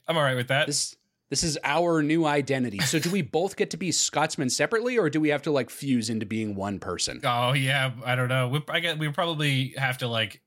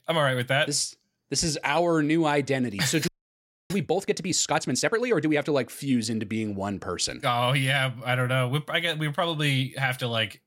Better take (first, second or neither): first